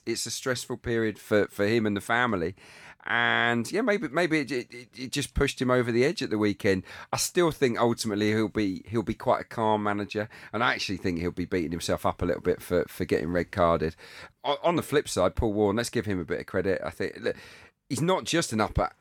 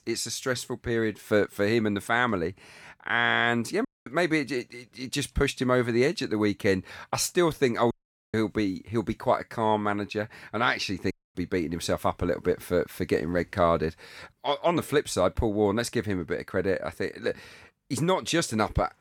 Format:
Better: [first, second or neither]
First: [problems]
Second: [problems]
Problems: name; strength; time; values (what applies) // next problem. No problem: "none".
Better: first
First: none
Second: audio cutting out; at 4 s, at 8 s and at 11 s